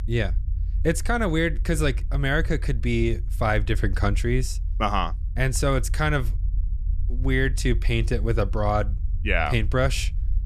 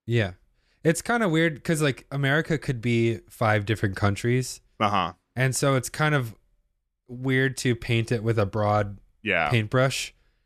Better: second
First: low rumble; faint; throughout; 25 dB below the speech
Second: none

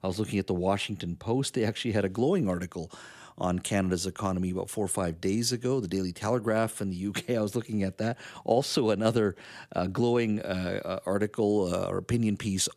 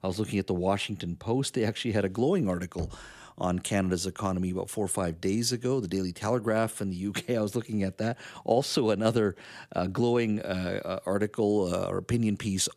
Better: first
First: none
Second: door banging; faint; at 3 s; peak 10 dB below the speech

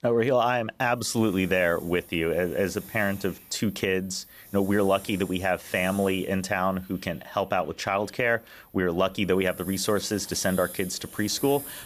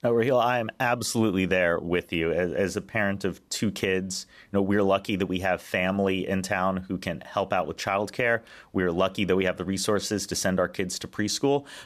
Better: second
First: hiss; noticeable; throughout; 15 dB below the speech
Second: none

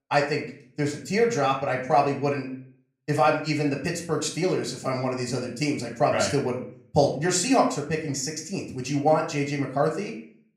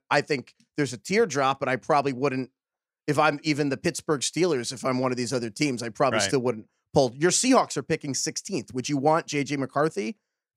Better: second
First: off-mic speech; somewhat distant // room echo; slight; dies away in 0.4 s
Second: none

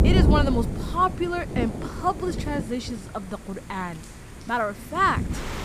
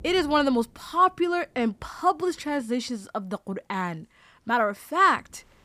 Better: second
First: rain or running water; loud; throughout; as loud as the speech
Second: rain or running water; faint; throughout; 30 dB below the speech

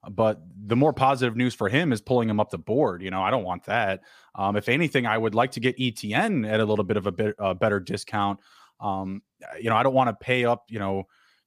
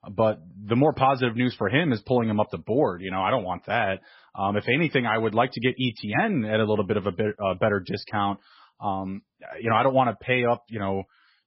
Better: first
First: none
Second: garbled, watery; badly; nothing above 5.5 kHz

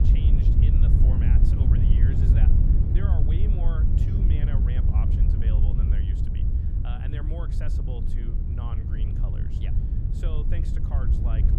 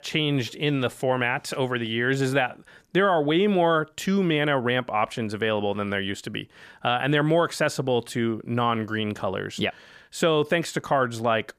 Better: second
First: wind noise on the microphone; heavy; 5 dB above the speech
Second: none

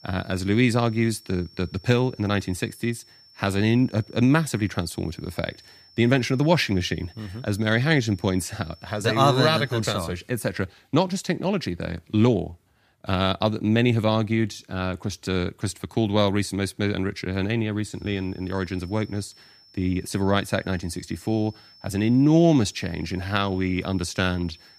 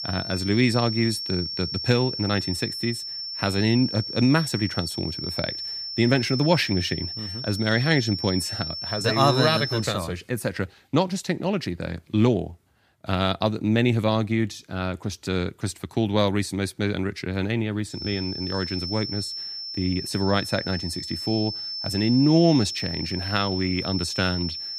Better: first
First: high-pitched whine; faint; until 10 s and from 18 s on; 5.5 kHz, 25 dB below the speech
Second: high-pitched whine; loud; until 10 s and from 18 s on; 5.5 kHz, 5 dB below the speech

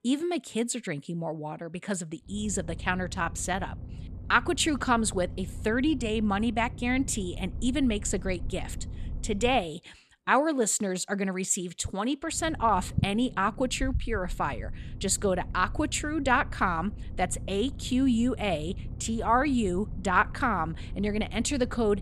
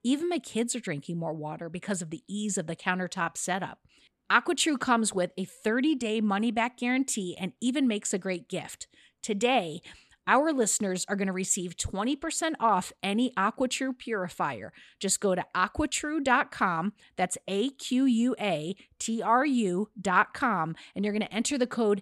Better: second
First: low rumble; faint; from 2.5 to 9.5 s and from 12 s on; 25 dB below the speech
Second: none

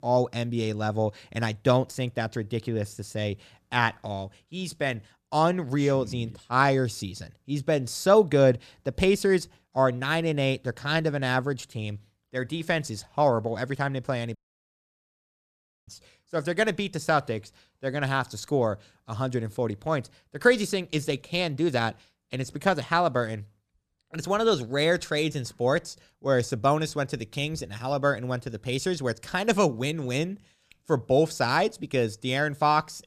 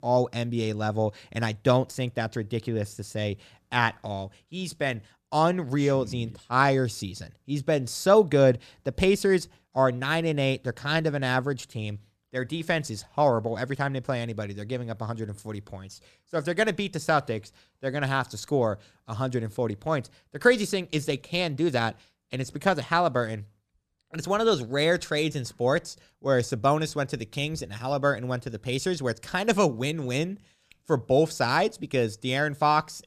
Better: second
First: audio cutting out; at 14 s for 1.5 s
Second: none

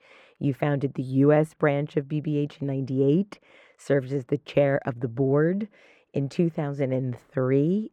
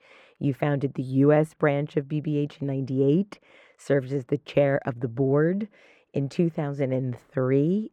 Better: neither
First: muffled; very; fading above 3 kHz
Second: muffled; very; fading above 3 kHz

